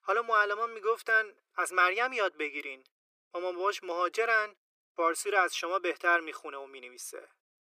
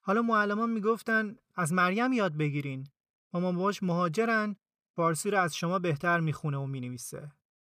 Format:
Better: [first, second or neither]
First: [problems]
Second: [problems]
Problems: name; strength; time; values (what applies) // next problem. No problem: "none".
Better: second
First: thin; very; fading below 350 Hz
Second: none